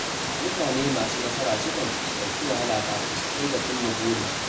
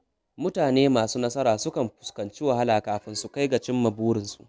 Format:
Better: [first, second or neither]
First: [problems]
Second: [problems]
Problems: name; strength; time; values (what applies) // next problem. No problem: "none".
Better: second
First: background sound (Water); 1 dB above the speech // room echo; dies away in 0.3 s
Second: none